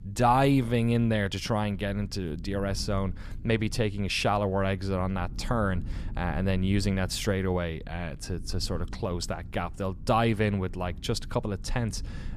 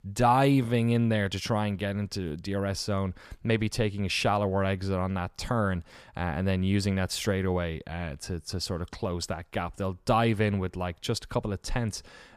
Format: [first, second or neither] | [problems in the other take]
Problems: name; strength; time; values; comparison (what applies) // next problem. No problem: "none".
second | low rumble; faint; throughout; 25 dB below the speech